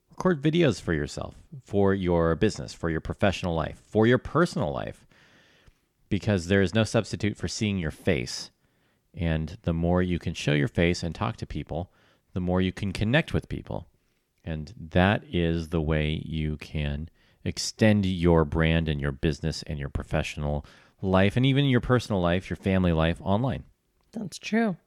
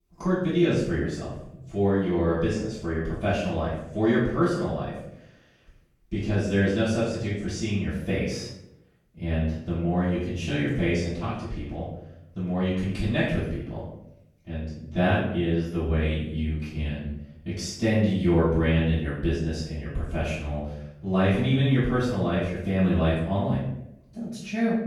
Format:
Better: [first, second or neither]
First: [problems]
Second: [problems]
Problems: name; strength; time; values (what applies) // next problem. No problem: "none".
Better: first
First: none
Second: off-mic speech; far // room echo; noticeable; dies away in 0.7 s